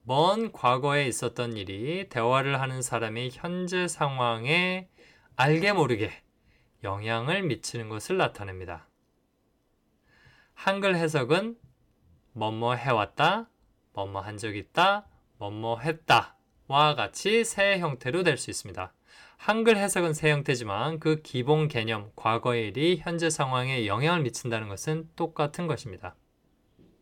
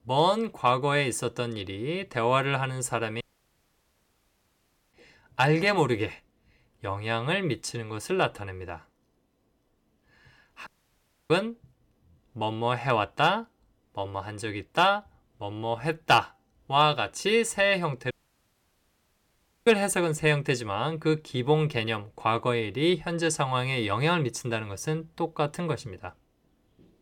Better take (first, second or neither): first